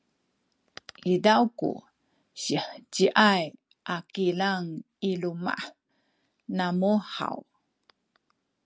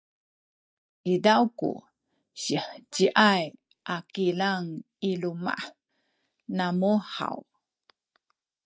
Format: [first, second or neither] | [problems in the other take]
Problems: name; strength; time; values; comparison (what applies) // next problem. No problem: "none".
first | noise reduction (neural mask model DeepFilterNet 3)